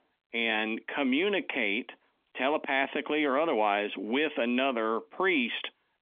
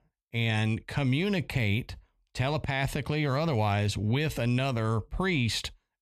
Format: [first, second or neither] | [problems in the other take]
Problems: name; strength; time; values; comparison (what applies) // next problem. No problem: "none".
second | phone-call audio; nothing above 3.5 kHz